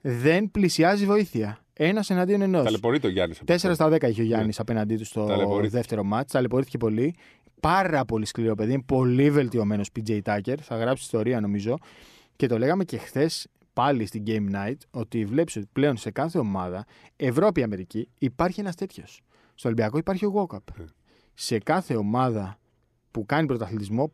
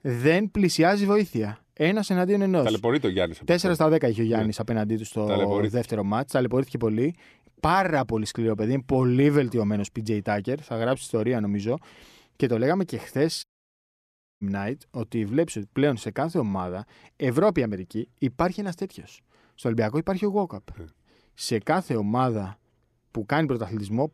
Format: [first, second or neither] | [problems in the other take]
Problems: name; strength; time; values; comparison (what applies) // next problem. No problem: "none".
first | audio cutting out; at 13 s for 1 s